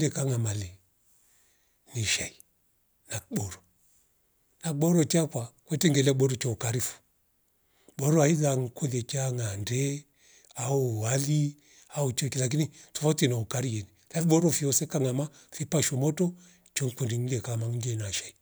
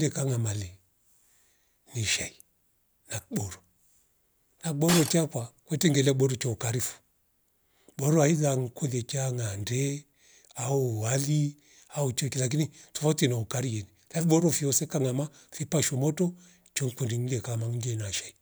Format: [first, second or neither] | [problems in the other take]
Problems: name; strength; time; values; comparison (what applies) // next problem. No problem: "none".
first | background sound (Shatter); 6 dB below the speech